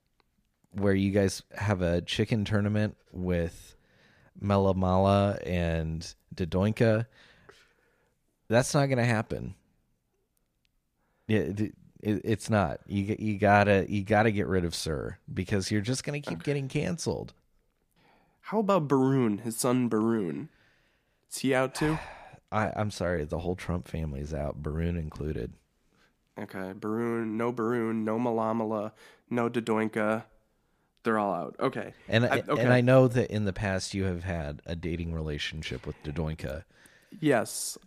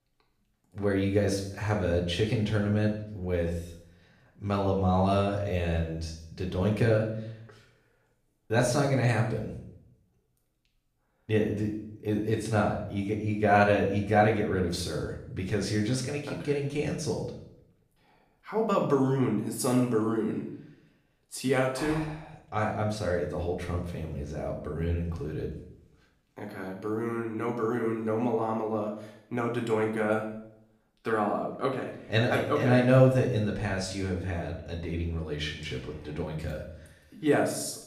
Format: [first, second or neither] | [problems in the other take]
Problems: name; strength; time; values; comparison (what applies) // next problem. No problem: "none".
first | room echo; noticeable; dies away in 0.6 s // off-mic speech; far